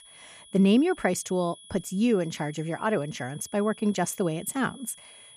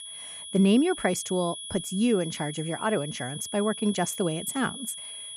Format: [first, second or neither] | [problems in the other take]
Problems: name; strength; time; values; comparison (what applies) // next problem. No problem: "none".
first | high-pitched whine; loud; throughout; 3.5 kHz, 9 dB below the speech; faint in the first